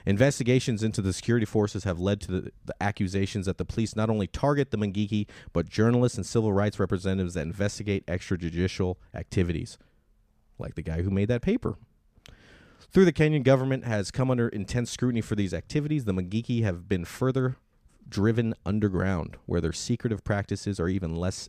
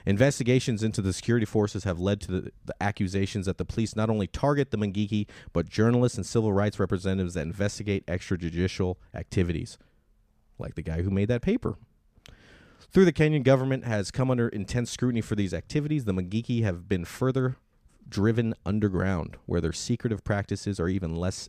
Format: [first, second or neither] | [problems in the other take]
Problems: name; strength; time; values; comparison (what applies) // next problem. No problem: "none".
neither | none